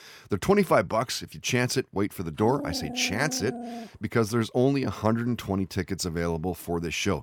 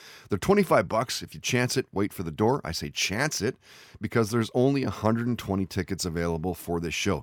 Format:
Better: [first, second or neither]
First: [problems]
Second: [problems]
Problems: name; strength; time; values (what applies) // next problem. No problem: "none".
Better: second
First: dog barking; noticeable; from 2.5 to 4 s; peak 8 dB below the speech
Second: none